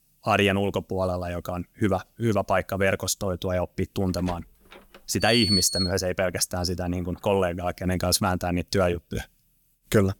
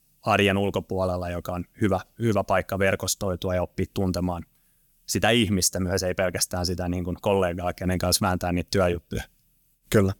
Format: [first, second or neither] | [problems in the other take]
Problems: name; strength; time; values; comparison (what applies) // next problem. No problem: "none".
second | door banging; loud; from 4 to 6 s; peak 2 dB above the speech